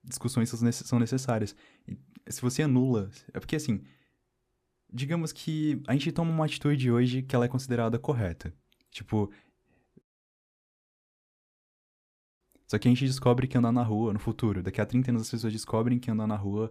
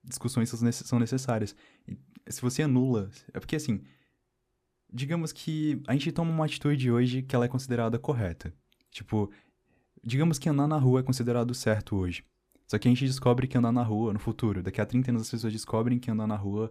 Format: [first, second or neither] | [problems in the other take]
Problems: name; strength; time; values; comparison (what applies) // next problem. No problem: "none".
second | audio cutting out; at 10 s for 2.5 s